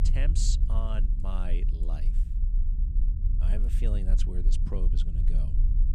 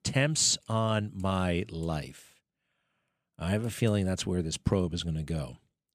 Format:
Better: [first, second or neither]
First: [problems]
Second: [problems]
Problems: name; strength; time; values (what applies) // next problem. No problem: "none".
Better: second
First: low rumble; loud; throughout; 7 dB below the speech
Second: none